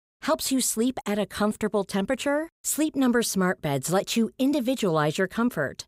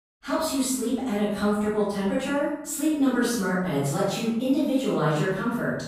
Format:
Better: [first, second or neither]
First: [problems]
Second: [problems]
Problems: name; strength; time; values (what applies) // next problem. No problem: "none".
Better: first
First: none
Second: off-mic speech; far // room echo; strong; dies away in 0.8 s